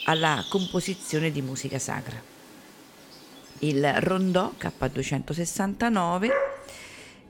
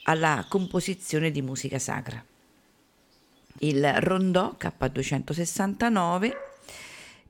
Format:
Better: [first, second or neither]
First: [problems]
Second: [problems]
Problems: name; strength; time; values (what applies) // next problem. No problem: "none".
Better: second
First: animal sounds; loud; throughout; 8 dB below the speech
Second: animal sounds; faint; throughout; 20 dB below the speech